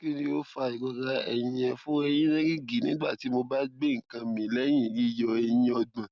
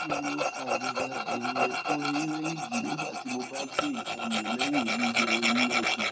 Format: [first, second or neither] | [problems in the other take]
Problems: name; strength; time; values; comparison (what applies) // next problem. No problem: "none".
first | background sound (Tools); 3 dB above the speech // room echo; dies away in 0.2 s